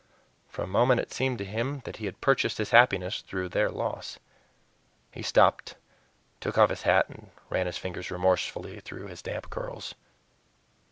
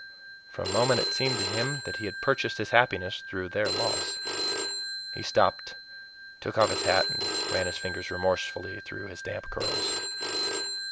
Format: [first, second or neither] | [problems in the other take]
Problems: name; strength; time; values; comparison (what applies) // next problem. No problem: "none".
first | background sound (Telephone); 3 dB below the speech